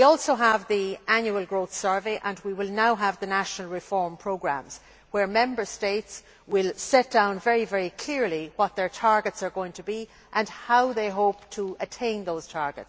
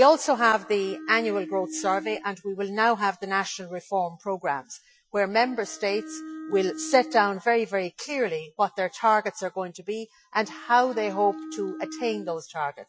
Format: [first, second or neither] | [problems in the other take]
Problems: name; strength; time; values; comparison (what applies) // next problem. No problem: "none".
first | noise reduction (classical method Wiener filter)